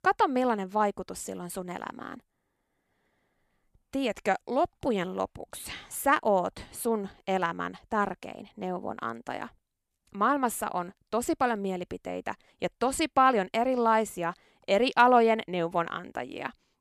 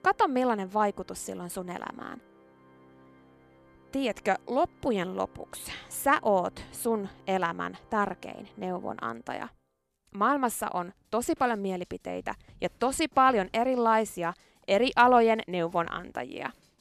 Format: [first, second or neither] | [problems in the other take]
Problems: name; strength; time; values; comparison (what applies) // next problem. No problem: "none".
first | background music; faint; throughout; 30 dB below the speech